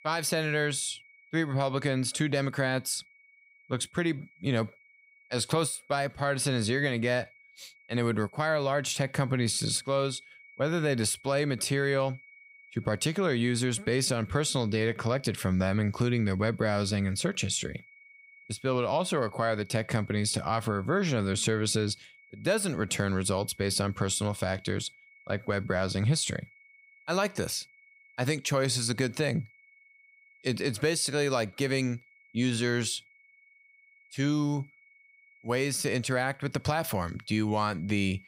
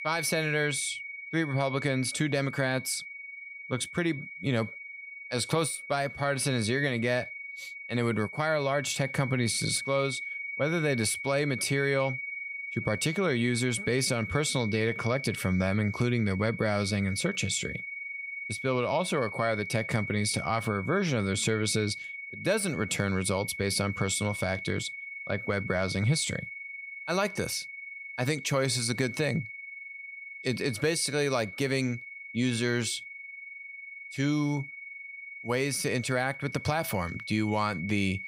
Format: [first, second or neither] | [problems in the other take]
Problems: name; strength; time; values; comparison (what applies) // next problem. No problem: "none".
first | high-pitched whine; loud; throughout; 2 kHz, 9 dB below the speech; faint in the first